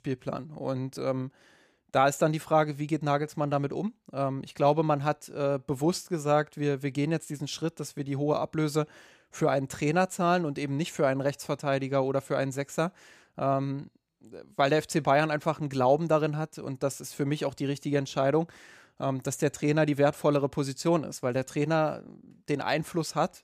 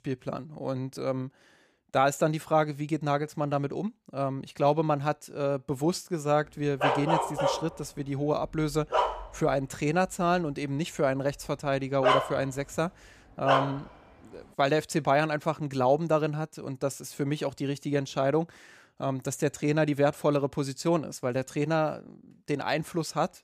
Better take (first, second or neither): first